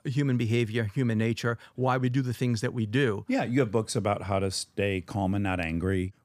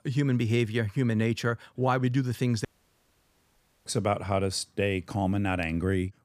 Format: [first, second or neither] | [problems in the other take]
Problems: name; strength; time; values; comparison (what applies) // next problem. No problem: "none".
first | audio cutting out; at 2.5 s for 1 s